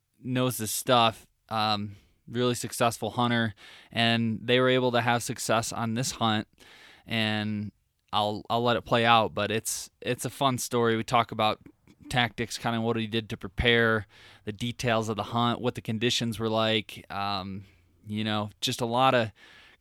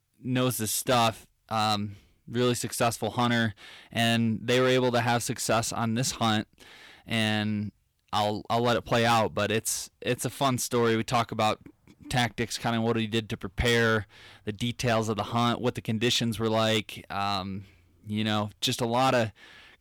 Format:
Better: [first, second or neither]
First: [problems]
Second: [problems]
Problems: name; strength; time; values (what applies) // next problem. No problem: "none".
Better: first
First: none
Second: distortion; slight; 5% of the sound clipped